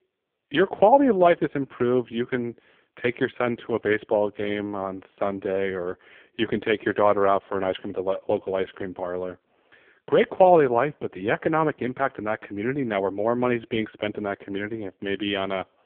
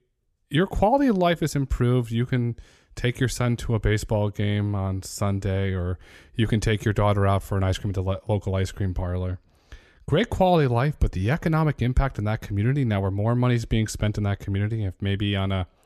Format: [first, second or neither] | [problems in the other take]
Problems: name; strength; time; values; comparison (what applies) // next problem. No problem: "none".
second | phone-call audio; poor line; nothing above 3.5 kHz